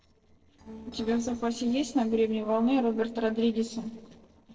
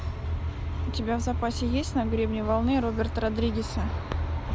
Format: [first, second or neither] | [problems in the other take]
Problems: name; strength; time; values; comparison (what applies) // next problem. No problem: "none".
second | noise reduction (neural separator model SepFormer DNS4)